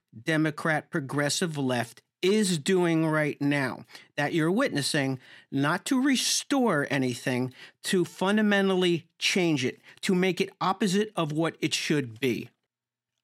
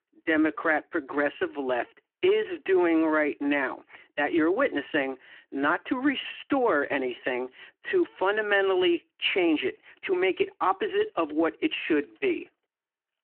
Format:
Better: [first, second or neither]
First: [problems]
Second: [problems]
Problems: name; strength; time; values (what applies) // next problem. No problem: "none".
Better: first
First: none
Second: phone-call audio